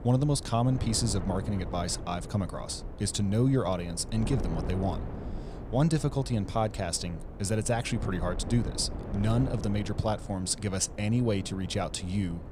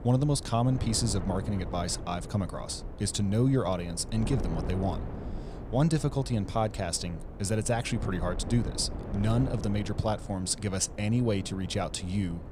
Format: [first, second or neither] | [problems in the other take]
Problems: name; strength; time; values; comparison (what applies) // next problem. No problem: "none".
neither | wind noise on the microphone; occasional gusts; 10 dB below the speech; the same in both